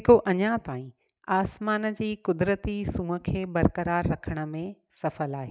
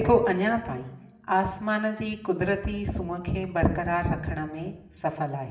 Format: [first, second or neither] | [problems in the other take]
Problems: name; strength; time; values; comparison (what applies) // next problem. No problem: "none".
first | room echo; dies away in 1.3 s